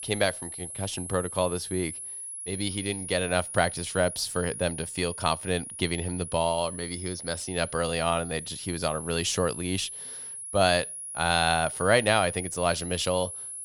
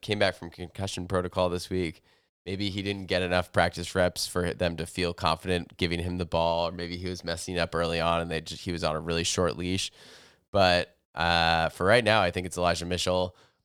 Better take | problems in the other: second | high-pitched whine; loud; throughout; 10.5 kHz, 8 dB below the speech

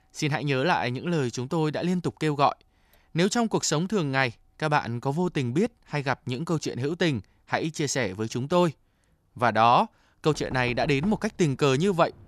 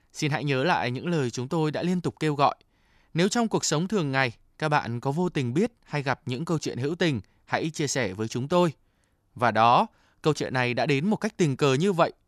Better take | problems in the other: second | household noises; noticeable; throughout; 20 dB below the speech

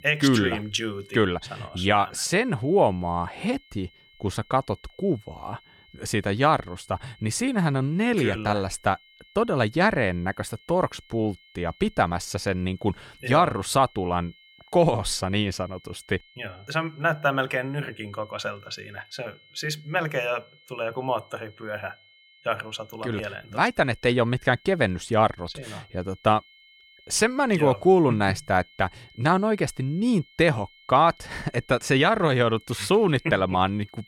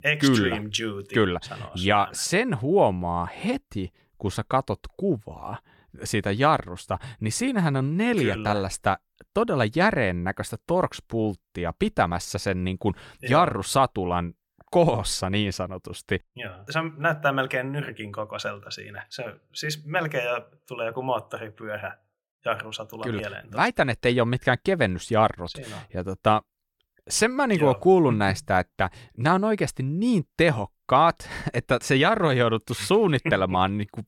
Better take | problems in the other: second | high-pitched whine; faint; throughout; 2 kHz, 30 dB below the speech

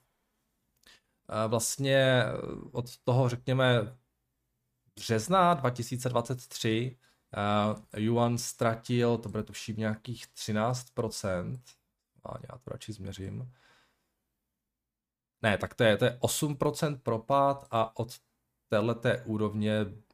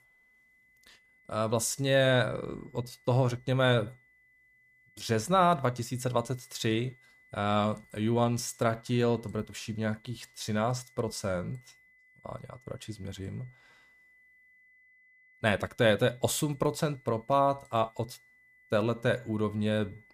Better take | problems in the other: first | high-pitched whine; faint; throughout; 2 kHz, 30 dB below the speech

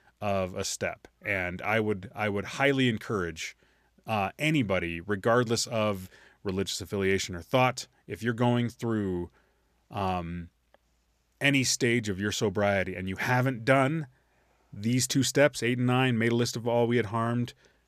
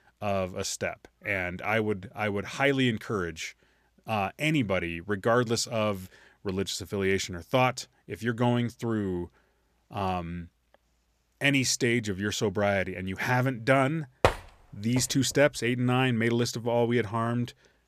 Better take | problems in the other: first | door banging; loud; at 14 s; peak 1 dB above the speech

